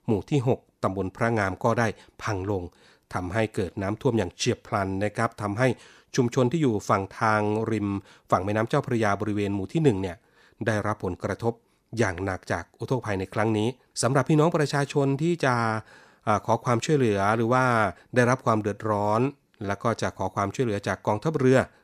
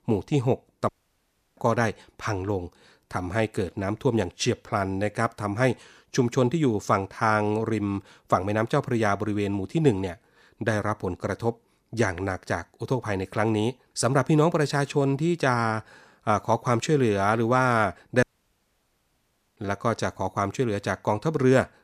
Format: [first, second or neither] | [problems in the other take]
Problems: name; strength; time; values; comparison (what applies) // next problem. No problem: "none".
first | audio cutting out; at 1 s for 0.5 s and at 18 s for 1.5 s